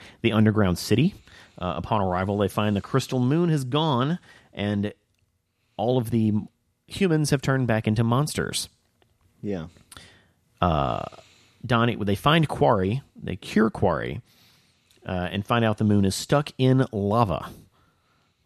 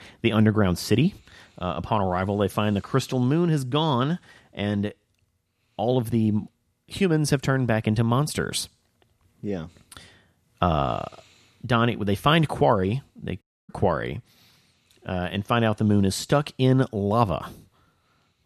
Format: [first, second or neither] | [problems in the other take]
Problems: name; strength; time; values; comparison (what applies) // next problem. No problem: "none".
first | audio cutting out; at 13 s